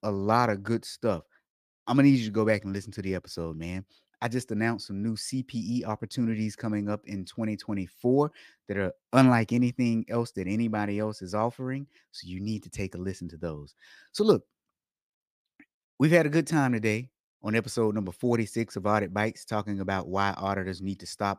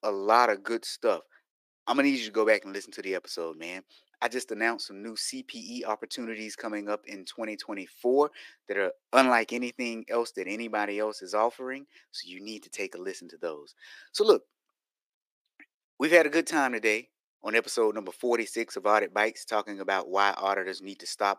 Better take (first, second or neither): first